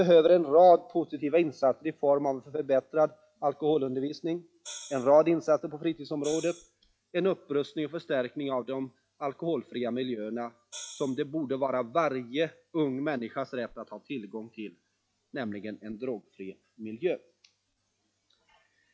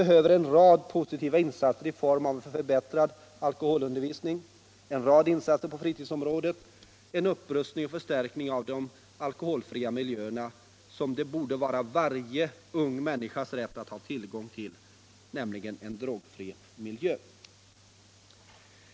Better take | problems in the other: second | noise reduction (classical method log-MMSE)

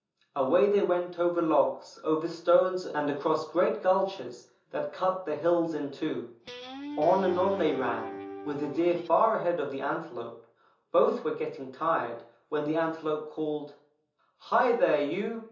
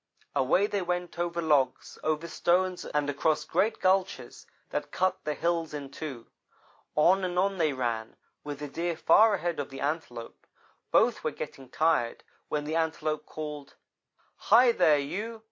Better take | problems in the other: second | background sound (Guitar); 11 dB below the speech // room echo; dies away in 0.6 s

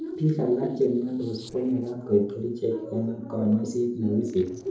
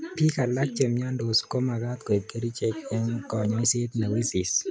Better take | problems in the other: second | noise reduction (neural separator model SepFormer DNS4)

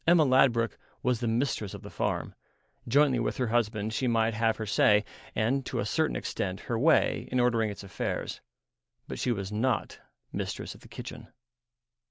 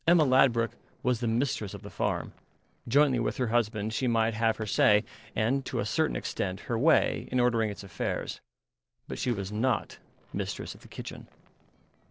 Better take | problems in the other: first | noise reduction (neural separator model SepFormer DNS4)

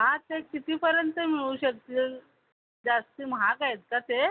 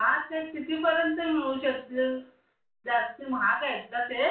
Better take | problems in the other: first | room echo; dies away in 0.3 s

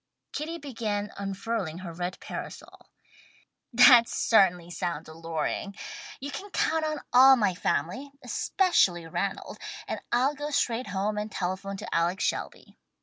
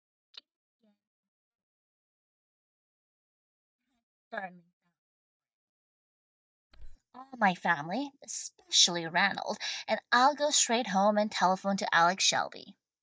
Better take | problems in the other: first | noise reduction (neural mask model DeepFilterNet 3)

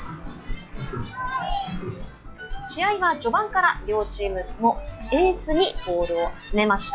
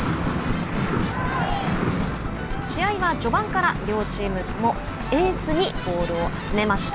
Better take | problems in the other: second | noise reduction (classical method log-MMSE)

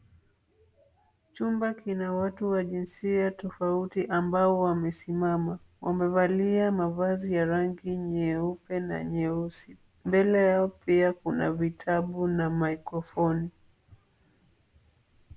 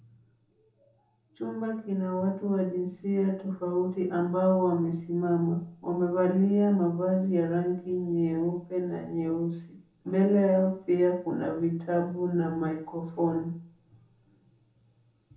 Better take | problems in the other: first | room echo; dies away in 0.9 s

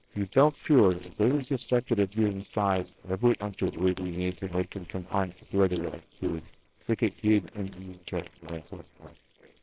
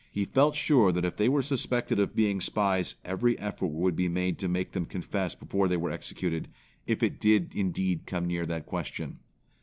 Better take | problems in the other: second | noise reduction (neural separator model SepFormer WHAMR!)

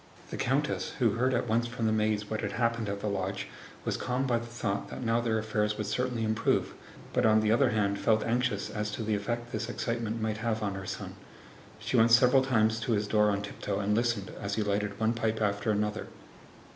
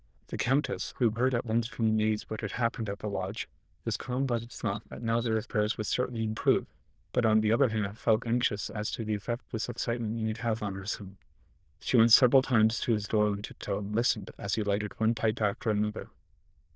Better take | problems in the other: first | noise reduction (neural diffusion model UNIVERSE++)

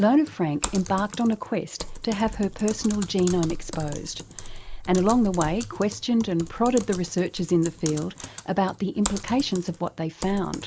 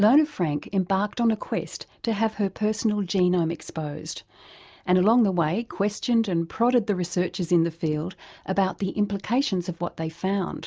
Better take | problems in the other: second | background sound (Typing); 12 dB below the speech

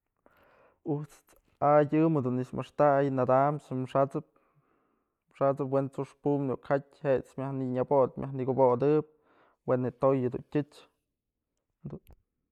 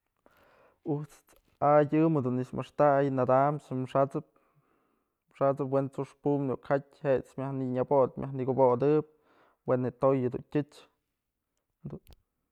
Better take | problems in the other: second | noise reduction (neural mask model Resemble Enhance denoiser)

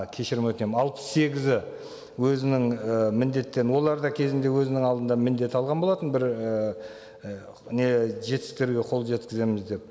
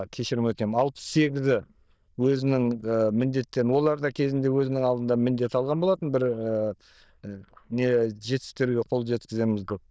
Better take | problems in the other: first | noise reduction (neural diffusion model UNIVERSE++)

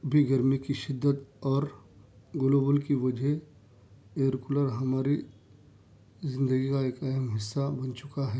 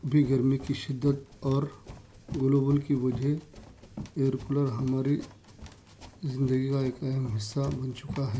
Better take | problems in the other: first | background sound (Run); 16 dB below the speech

